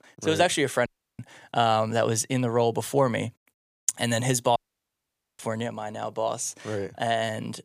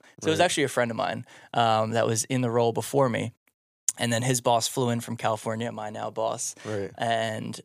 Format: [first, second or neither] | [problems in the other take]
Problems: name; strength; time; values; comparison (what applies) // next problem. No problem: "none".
second | audio cutting out; at 1 s and at 4.5 s for 1 s